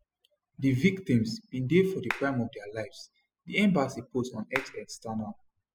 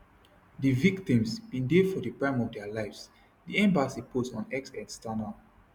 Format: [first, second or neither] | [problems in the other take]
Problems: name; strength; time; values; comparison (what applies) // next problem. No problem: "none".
second | noise reduction (classical method spectral subtraction)